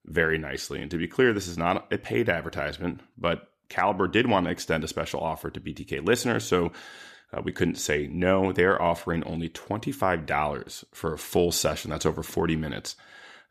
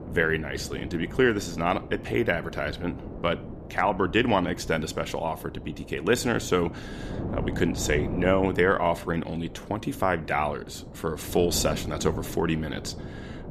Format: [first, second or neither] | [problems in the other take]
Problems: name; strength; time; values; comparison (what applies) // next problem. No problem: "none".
first | wind noise on the microphone; occasional gusts; 15 dB below the speech